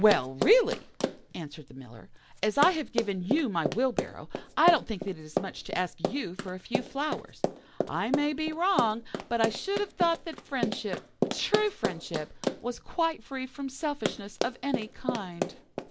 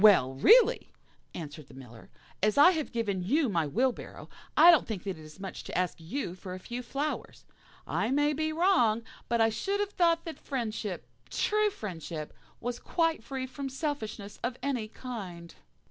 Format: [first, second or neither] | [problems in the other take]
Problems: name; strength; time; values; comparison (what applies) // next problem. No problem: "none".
second | background sound (Run); 5 dB below the speech